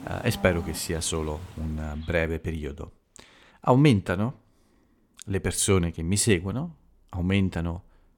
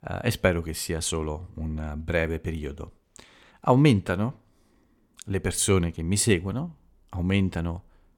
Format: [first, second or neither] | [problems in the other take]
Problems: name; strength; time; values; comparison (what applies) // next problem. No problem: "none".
second | animal sounds; noticeable; until 2 s; 15 dB below the speech